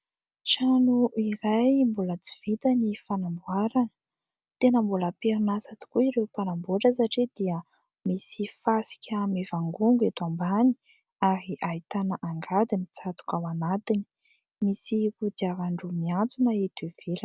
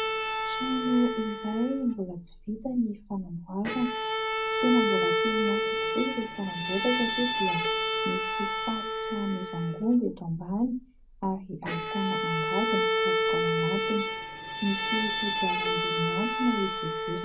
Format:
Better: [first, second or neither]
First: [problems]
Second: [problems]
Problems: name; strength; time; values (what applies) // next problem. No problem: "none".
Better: first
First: none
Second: background sound (Bowed string instrument); 1 dB above the speech // room echo; dies away in 0.4 s